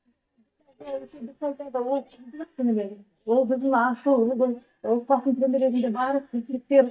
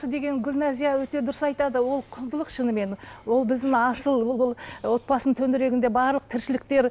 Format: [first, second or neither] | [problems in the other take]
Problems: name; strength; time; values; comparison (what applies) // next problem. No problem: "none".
second | noise reduction (neural mask model DeepFilterNet 3)